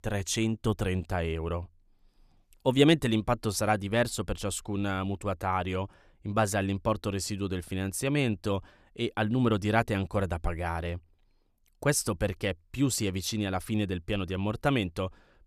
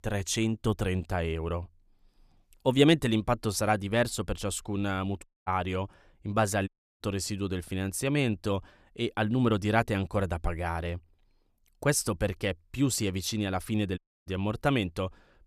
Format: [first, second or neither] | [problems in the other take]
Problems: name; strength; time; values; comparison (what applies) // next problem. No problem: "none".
first | audio cutting out; at 5 s, at 6.5 s and at 14 s